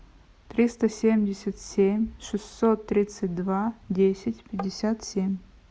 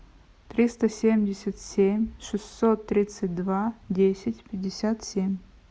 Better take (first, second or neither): second